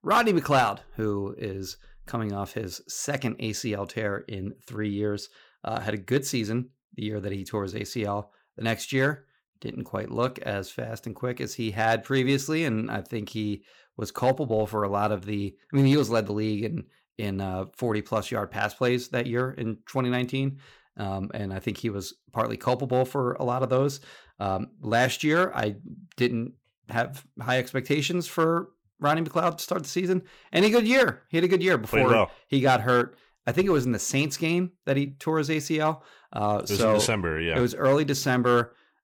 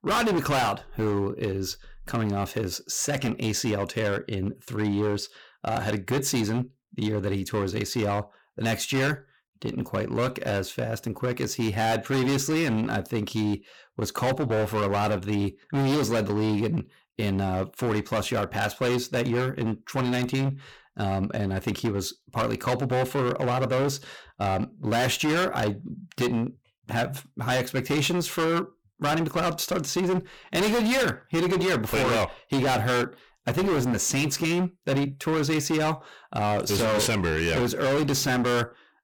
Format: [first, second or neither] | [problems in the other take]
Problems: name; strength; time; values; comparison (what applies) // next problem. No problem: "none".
first | distortion; heavy; 19% of the sound clipped